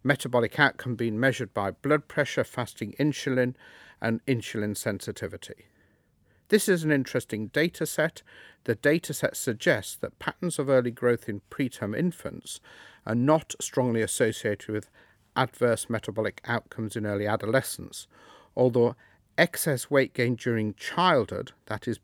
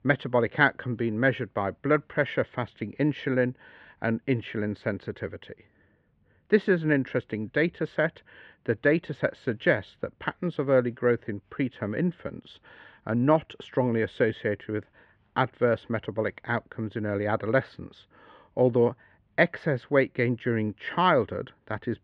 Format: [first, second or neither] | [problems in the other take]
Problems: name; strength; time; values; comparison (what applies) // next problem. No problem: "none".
first | muffled; very; fading above 3 kHz